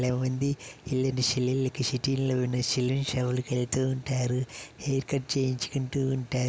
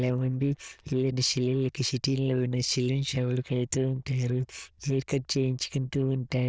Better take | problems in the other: first | noise reduction (neural diffusion model UNIVERSE++)

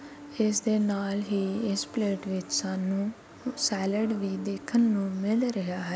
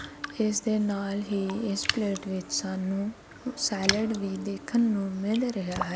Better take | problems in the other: first | background sound (Raindrop); 9 dB below the speech

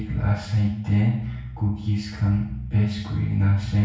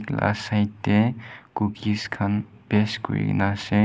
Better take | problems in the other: second | background sound (Bass guitar); 12 dB below the speech // room echo; dies away in 0.6 s

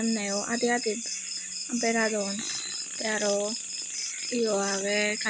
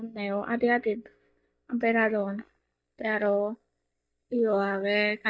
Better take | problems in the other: first | noise reduction (neural mask model DeepFilterNet 3)

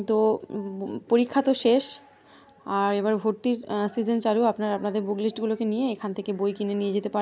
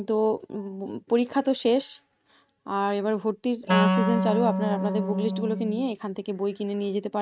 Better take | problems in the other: first | noise reduction (neural mask model RNNoise)

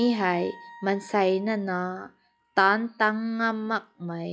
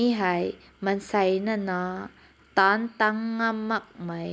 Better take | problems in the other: second | noise reduction (classical method log-MMSE)

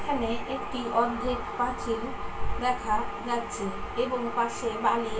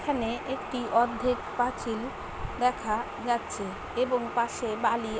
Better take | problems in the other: second | room echo; dies away in 0.3 s

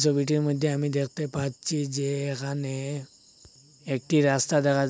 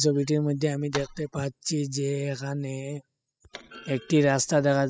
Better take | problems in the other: first | noise reduction (classical method spectral subtraction)

